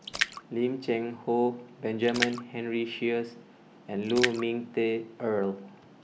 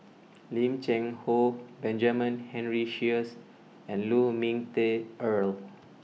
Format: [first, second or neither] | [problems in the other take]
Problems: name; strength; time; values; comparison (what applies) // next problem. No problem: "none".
second | background sound (Splash, splatter); 8 dB below the speech